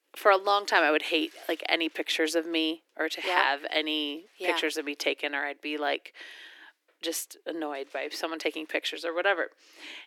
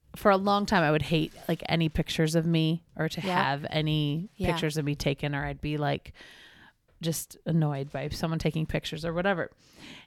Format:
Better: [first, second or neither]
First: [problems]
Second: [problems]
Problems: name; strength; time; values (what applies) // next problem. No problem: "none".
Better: second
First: thin; very; fading below 300 Hz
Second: none